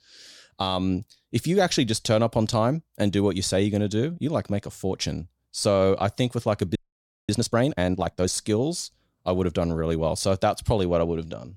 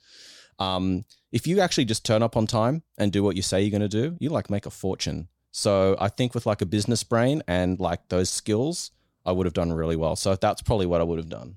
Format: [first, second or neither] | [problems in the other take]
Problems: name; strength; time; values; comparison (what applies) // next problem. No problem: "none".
second | audio freezing; at 7 s for 0.5 s